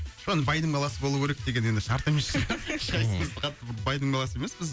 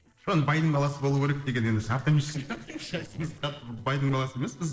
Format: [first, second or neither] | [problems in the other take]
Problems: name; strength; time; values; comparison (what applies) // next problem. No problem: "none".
first | noise reduction (neural separator model SepFormer DNS4)